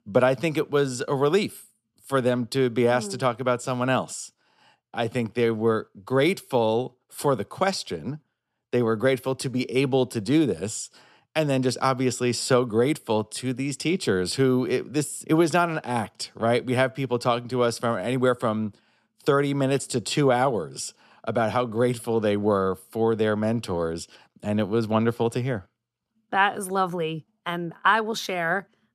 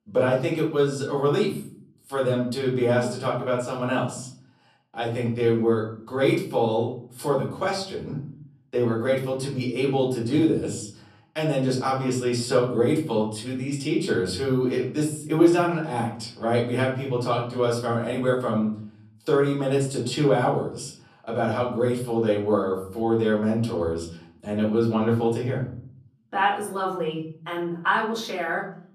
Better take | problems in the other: first | off-mic speech; far // room echo; slight; dies away in 0.5 s

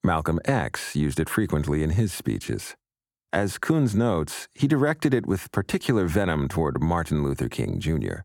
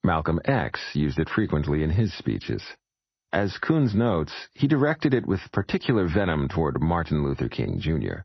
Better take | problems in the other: first | garbled, watery; slightly; nothing above 5.5 kHz

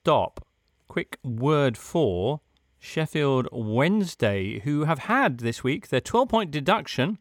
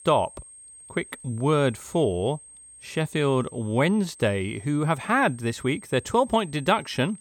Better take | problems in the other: first | high-pitched whine; noticeable; throughout; 8.5 kHz, 20 dB below the speech

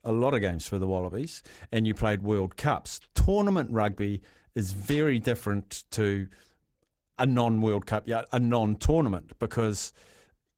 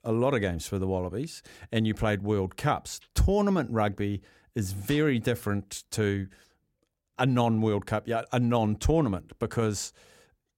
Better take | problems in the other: second | garbled, watery; slightly; nothing above 16.5 kHz

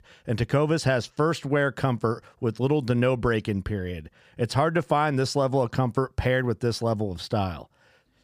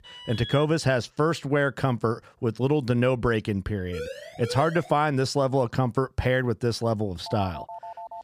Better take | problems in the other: first | alarm; faint; at the start; peak 10 dB below the speech // siren; faint; at 4 s; peak 10 dB below the speech // phone ringing; faint; at 7.5 s; peak 15 dB below the speech

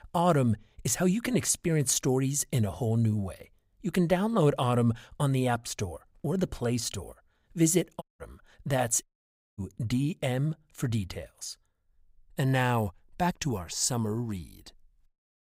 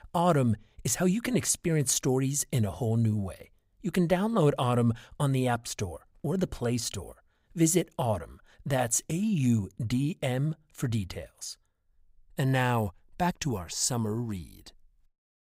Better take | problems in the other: second | audio cutting out; at 8 s and at 9 s for 0.5 s

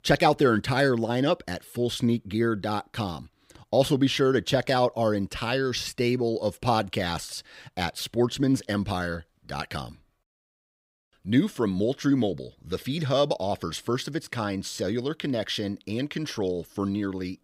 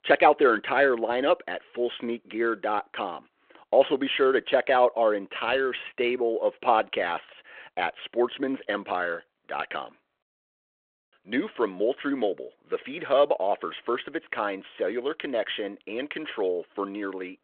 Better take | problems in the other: first | phone-call audio

